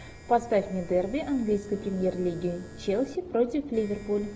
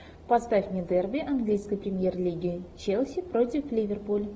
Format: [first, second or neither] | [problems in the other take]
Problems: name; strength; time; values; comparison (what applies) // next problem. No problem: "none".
second | background sound (Electric guitar / Strum + Domestic sounds, home sounds); 18 dB below the speech